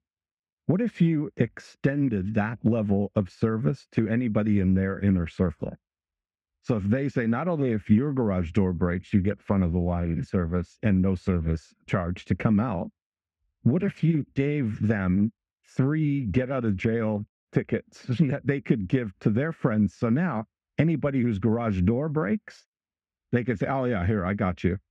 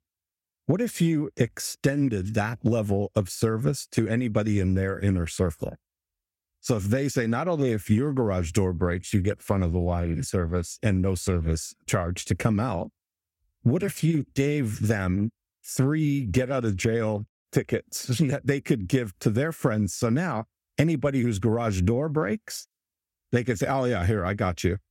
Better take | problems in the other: second | muffled; very; fading above 2.5 kHz

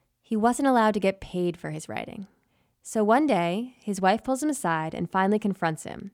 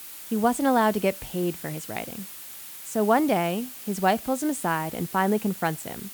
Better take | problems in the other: first | hiss; noticeable; throughout; 10 dB below the speech

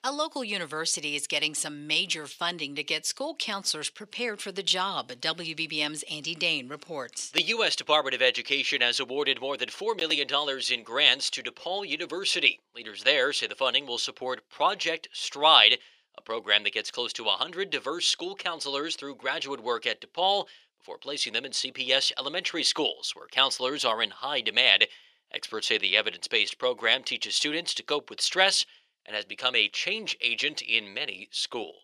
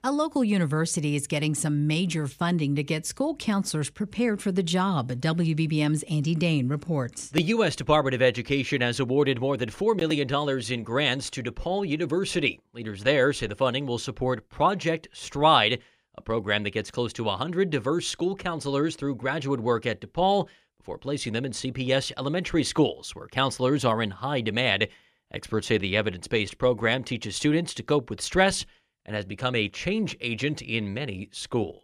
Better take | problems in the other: second | thin; somewhat; fading below 500 Hz

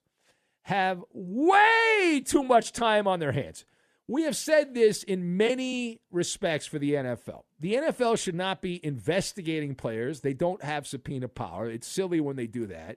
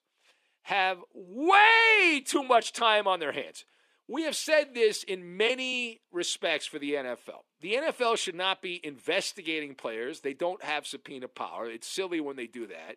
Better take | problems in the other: first | thin; somewhat; fading below 300 Hz

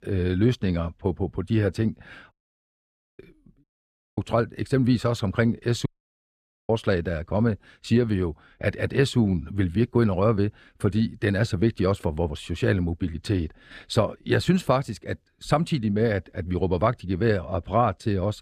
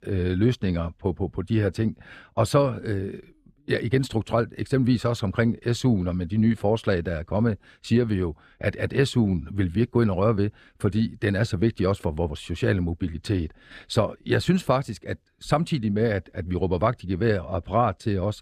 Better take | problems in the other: second | audio cutting out; at 2.5 s for 1 s, at 3.5 s for 0.5 s and at 6 s for 1 s

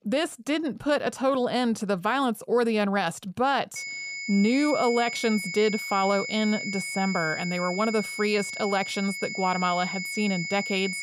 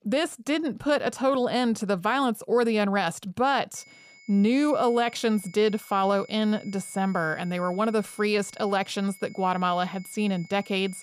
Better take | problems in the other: second | high-pitched whine; loud; from 4 s on; 2 kHz, 6 dB below the speech; faint in the second

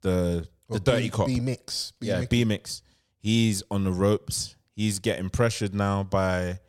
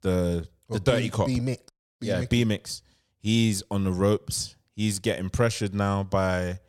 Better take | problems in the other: first | audio cutting out; at 1.5 s

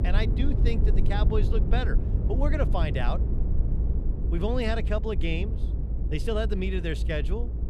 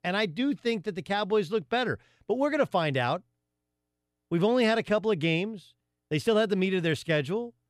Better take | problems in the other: second | low rumble; loud; throughout; 9 dB below the speech

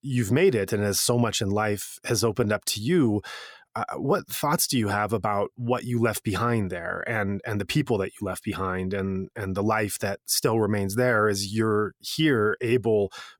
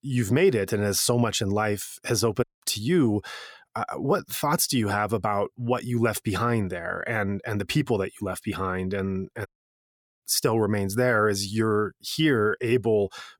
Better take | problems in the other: first | audio cutting out; at 2.5 s and at 9.5 s for 1 s

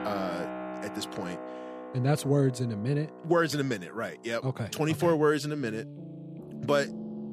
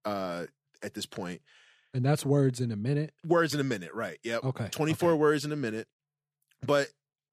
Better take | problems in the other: second | background music; noticeable; throughout; 10 dB below the speech

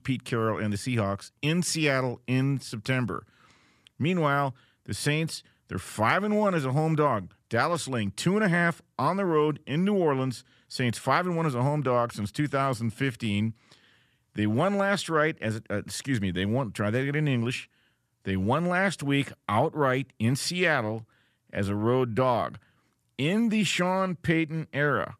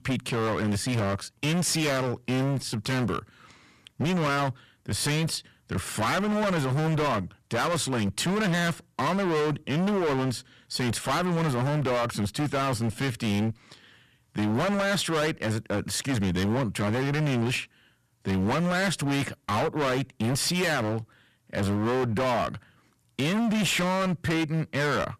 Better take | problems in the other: first | distortion; heavy; 30% of the sound clipped

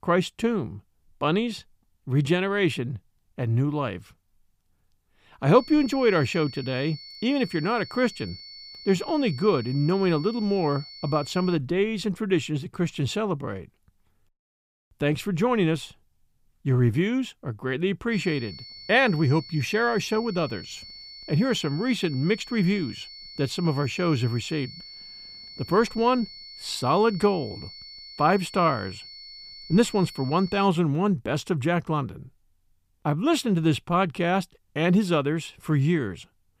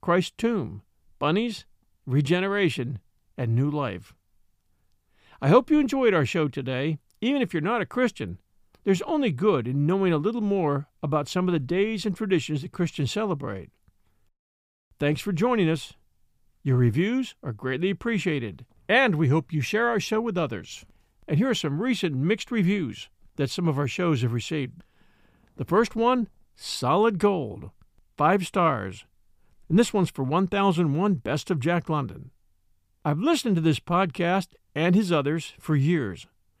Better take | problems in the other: second | high-pitched whine; noticeable; from 5.5 to 12 s and from 18 to 31 s; 4.5 kHz, 15 dB below the speech

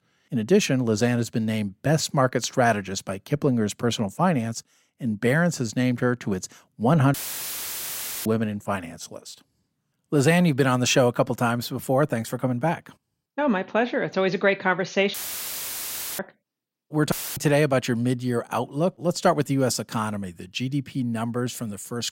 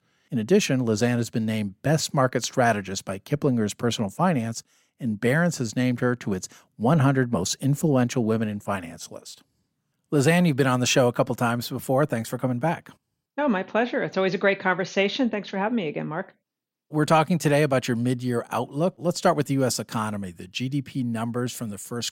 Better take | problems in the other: second | audio cutting out; filled with static; at 7 s for 1 s, at 15 s for 1 s and at 17 s

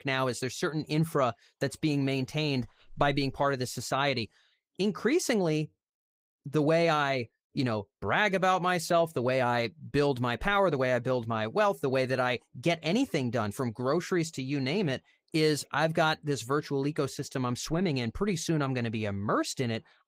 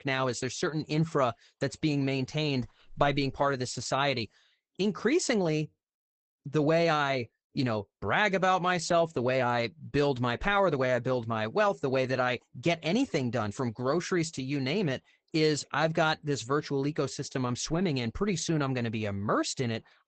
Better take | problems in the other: first | garbled, watery; badly; nothing above 8 kHz; slightly in the first

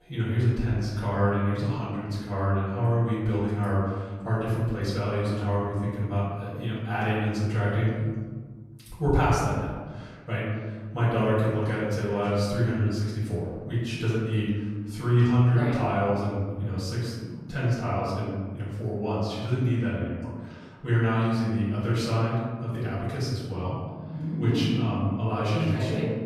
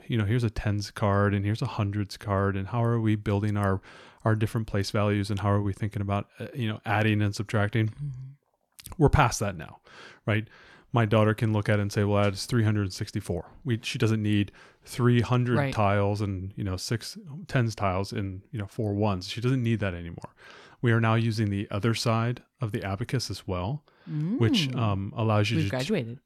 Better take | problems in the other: second | room echo; strong; dies away in 1.6 s // off-mic speech; far

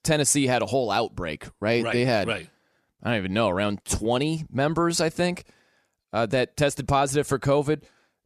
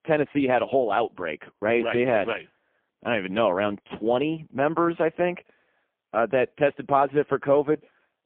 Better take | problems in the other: first | phone-call audio; poor line

